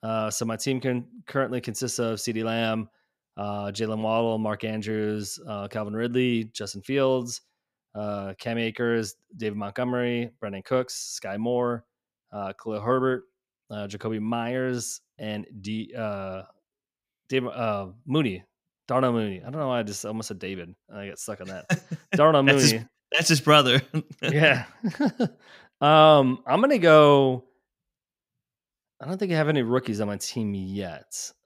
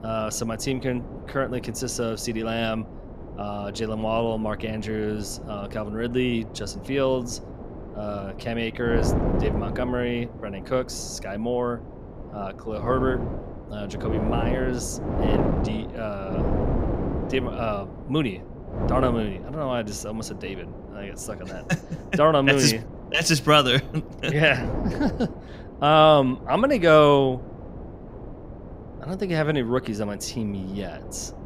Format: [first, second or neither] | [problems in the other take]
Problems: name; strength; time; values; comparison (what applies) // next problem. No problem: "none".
first | wind noise on the microphone; occasional gusts; 15 dB below the speech